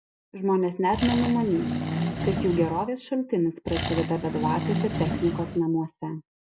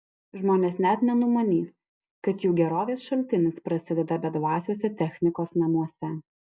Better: second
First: background sound (Accelerating, revving, vroom); 3 dB below the speech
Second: none

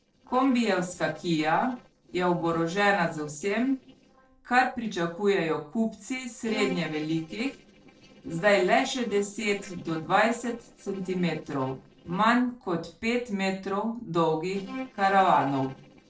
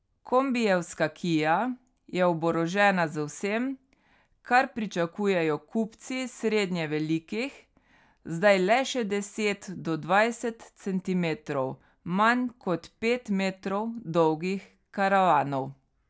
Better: second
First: noise reduction (neural separator model SepFormer DNS4)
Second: none

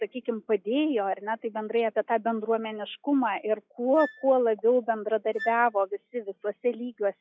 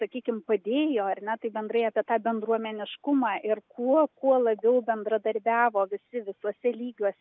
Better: second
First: noise reduction (classical method log-MMSE)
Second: none

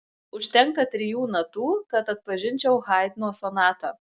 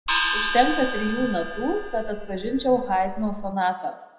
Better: first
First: none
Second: background sound (Gong); 4 dB below the speech // room echo; dies away in 0.7 s

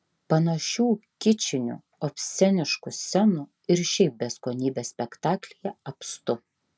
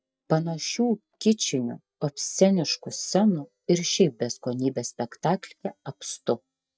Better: first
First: none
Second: noise reduction (neural mask model DeepFilterNet 3)

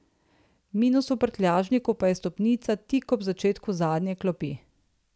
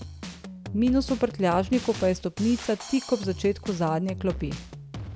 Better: first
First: none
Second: background sound (Drum kit); 11 dB below the speech

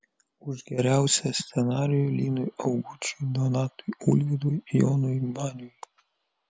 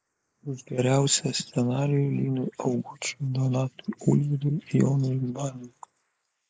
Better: first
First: none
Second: noise reduction (neural mask model Resemble Enhance denoiser)

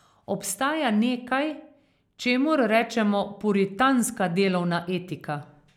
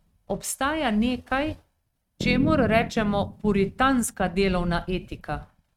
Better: first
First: none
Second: noise reduction (neural mask model RNNoise)

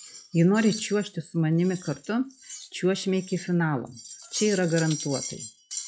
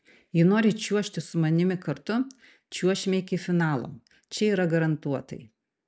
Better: second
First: noise reduction (classical method log-MMSE)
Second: none

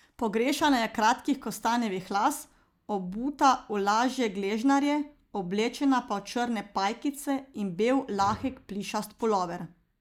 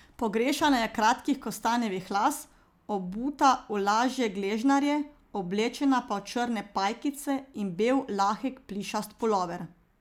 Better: second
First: noise reduction (neural mask model DeepFilterNet 3)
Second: none

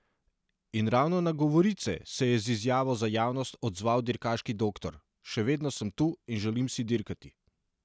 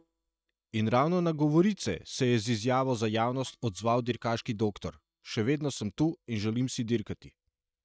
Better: first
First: none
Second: noise reduction (neural mask model DeepFilterNet 3)

